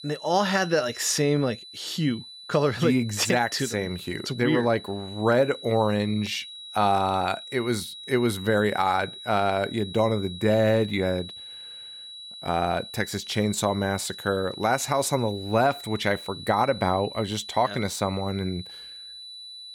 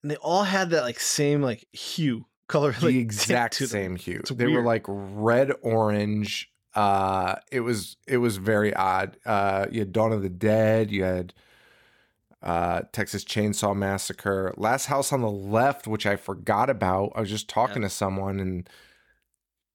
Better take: second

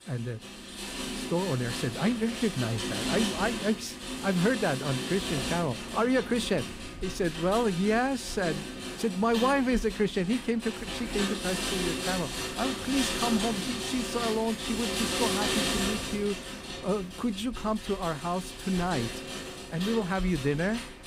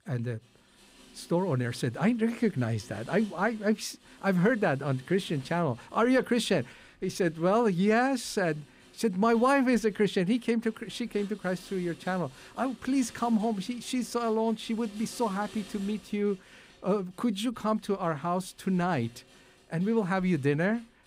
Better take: second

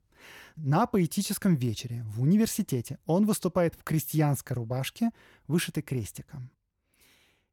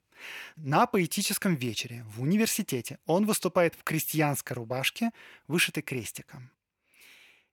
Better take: first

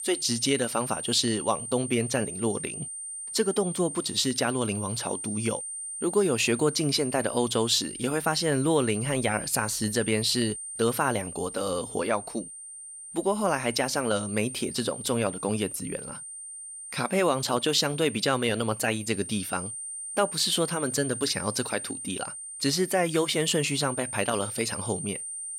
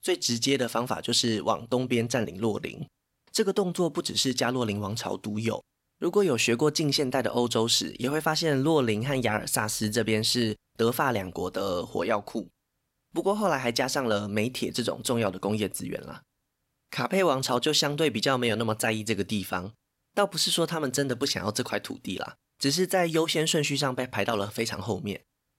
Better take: second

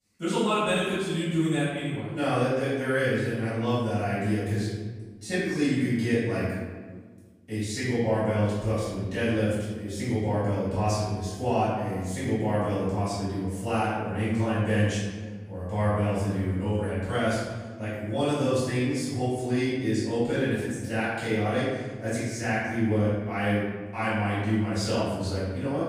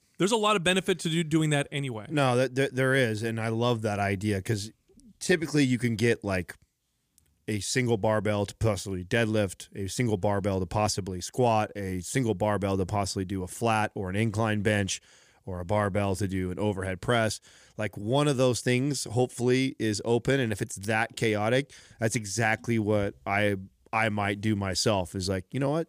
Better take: second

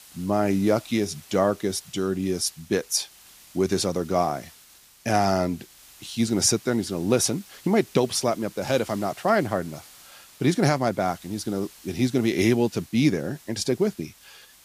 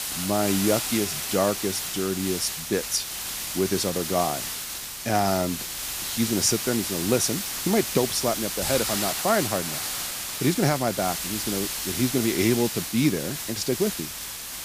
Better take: first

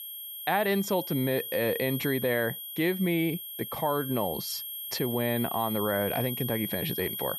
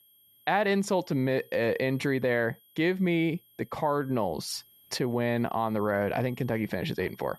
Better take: second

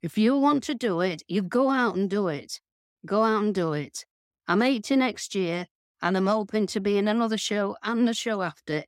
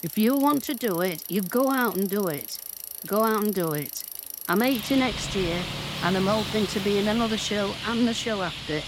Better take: first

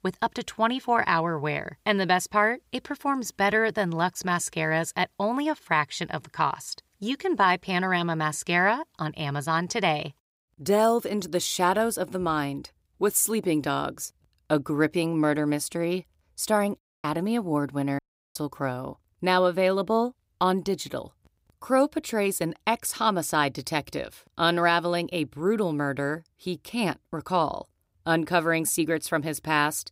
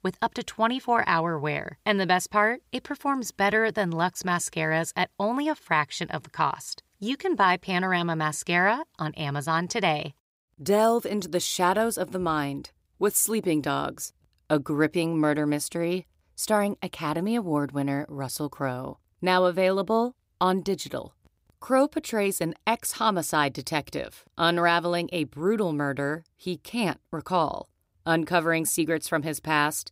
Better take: second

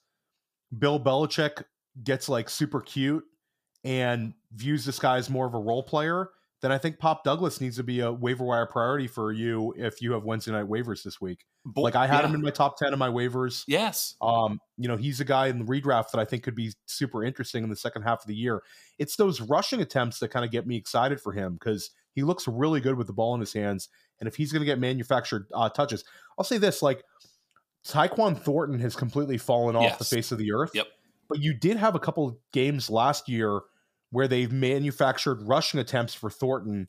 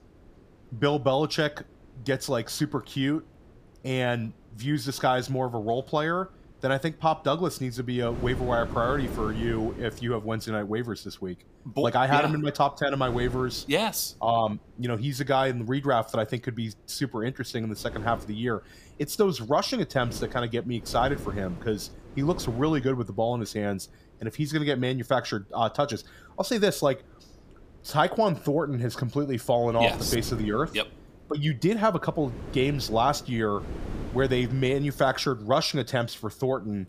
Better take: first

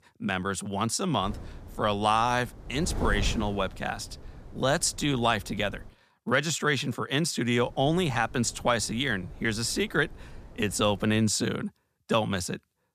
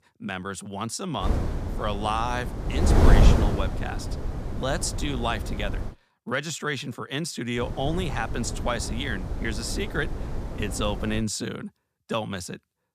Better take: first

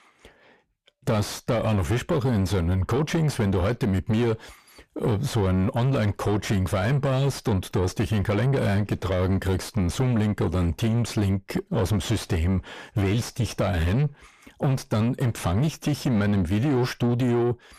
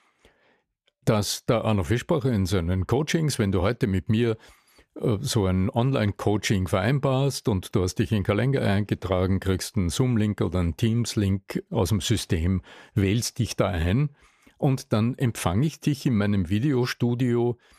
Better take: second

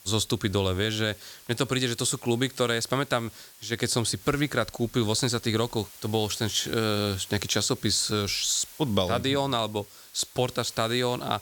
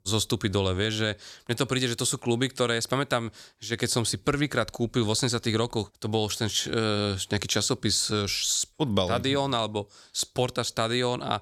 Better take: second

